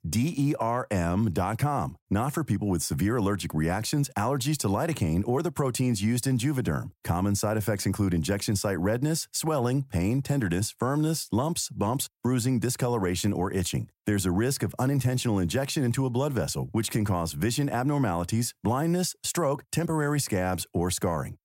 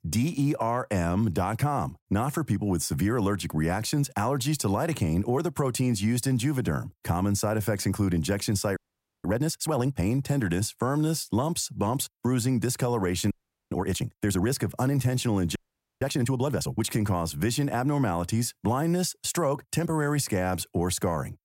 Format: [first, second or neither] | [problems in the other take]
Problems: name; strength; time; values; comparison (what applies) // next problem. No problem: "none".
first | audio freezing; at 9 s, at 13 s and at 16 s